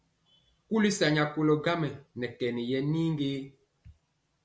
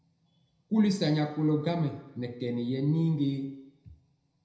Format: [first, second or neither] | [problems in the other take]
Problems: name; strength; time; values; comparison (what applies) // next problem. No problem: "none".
first | room echo; dies away in 0.8 s